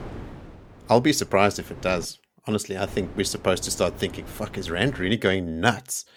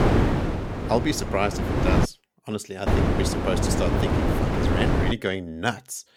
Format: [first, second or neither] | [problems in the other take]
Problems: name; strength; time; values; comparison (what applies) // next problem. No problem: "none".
first | wind noise on the microphone; heavy; until 2 s and from 3 to 5 s; as loud as the speech; occasional gusts in the first